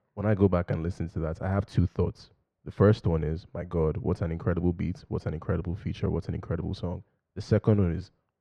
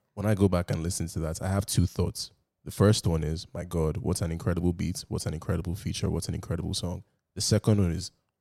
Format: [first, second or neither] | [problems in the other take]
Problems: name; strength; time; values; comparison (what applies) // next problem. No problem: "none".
second | muffled; very; fading above 2 kHz